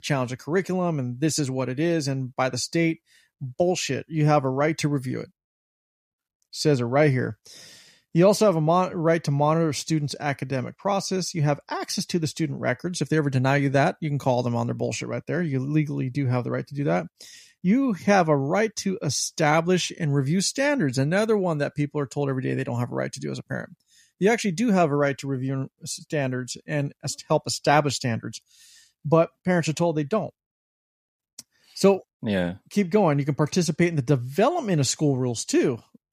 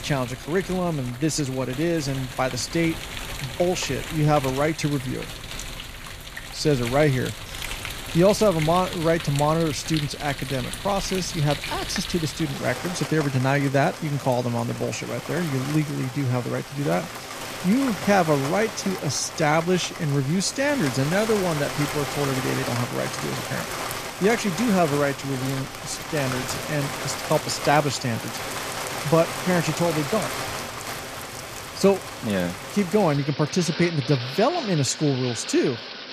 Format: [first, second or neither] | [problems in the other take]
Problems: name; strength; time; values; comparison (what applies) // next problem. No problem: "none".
first | rain or running water; loud; throughout; 8 dB below the speech